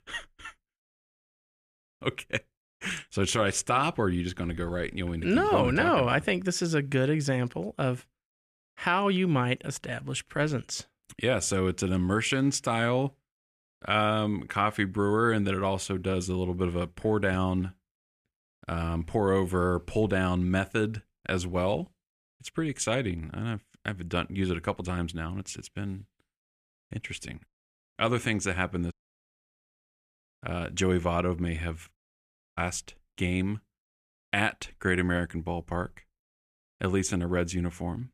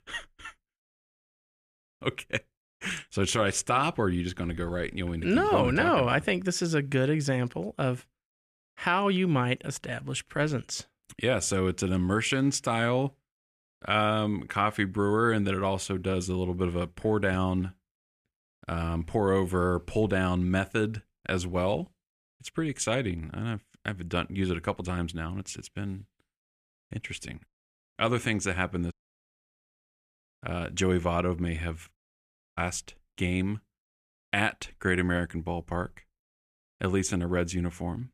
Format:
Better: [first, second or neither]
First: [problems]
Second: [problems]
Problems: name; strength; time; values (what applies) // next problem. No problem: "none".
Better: neither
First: audio cutting out; at 29 s for 0.5 s and at 32 s for 0.5 s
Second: audio cutting out; at 29 s for 0.5 s and at 32 s for 0.5 s